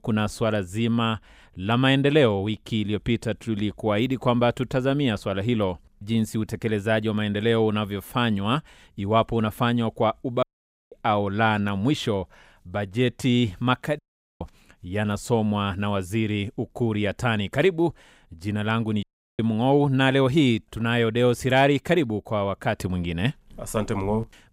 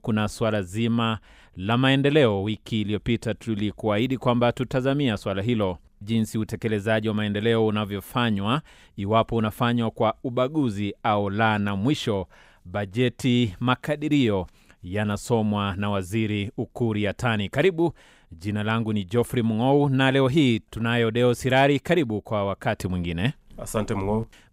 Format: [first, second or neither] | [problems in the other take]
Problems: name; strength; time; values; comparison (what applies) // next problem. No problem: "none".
second | audio cutting out; at 10 s, at 14 s and at 19 s